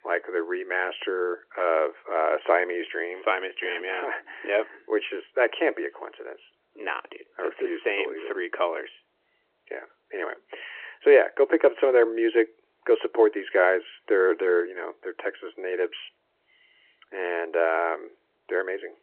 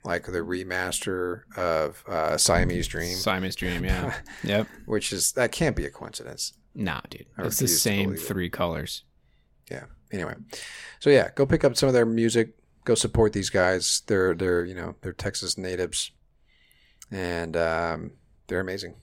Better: second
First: phone-call audio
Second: none

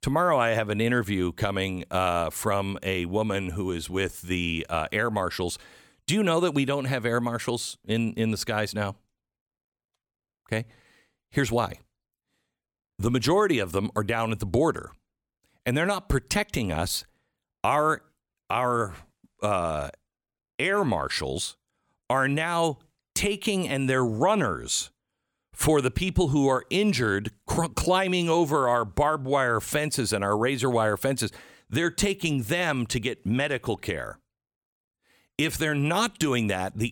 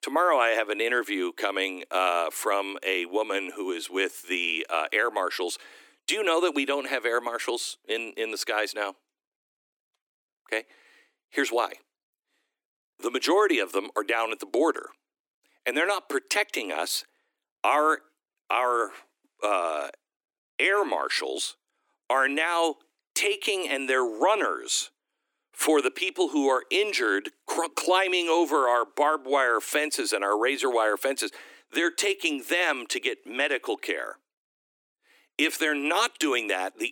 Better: first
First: none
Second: thin; somewhat; fading below 300 Hz

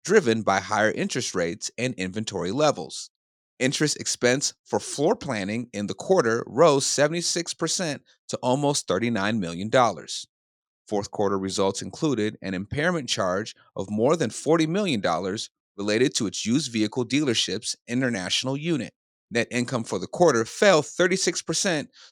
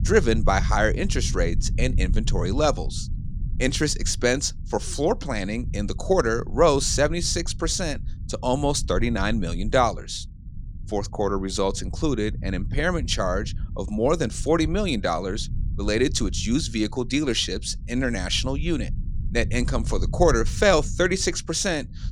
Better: first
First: none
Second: low rumble; faint; throughout; 20 dB below the speech

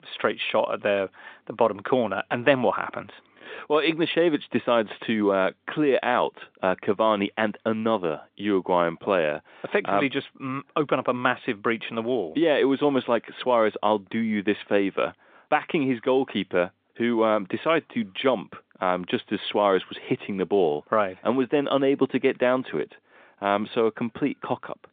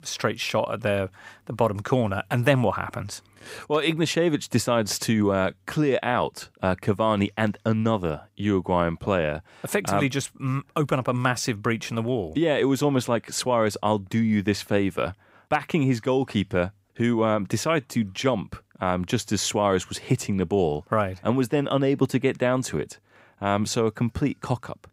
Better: second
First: phone-call audio; nothing above 3.5 kHz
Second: none

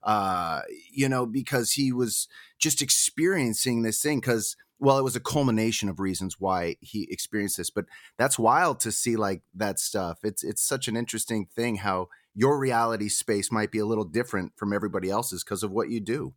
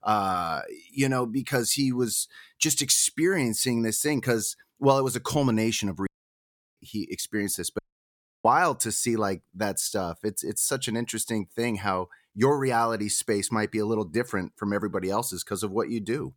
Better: first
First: none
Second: audio cutting out; at 6 s for 0.5 s and at 8 s for 0.5 s

